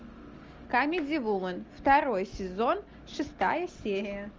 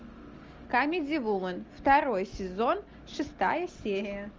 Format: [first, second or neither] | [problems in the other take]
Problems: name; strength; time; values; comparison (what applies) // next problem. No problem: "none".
second | background sound (Tap); 20 dB below the speech